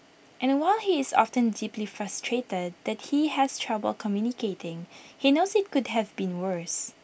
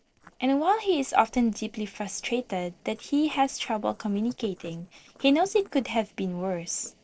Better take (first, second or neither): first